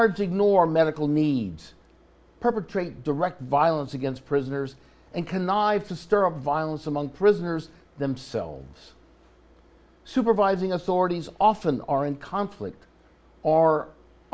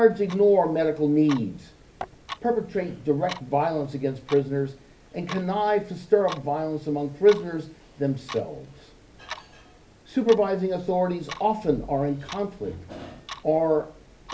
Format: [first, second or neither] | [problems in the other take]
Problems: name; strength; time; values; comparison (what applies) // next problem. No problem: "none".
first | background sound (Clock); 18 dB below the speech // room echo; dies away in 0.3 s